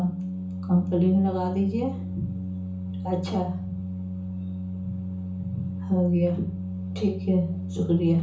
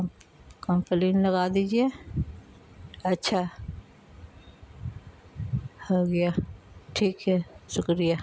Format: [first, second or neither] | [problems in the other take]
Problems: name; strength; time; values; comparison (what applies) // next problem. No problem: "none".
second | background sound (Organ); 5 dB below the speech // room echo; dies away in 0.7 s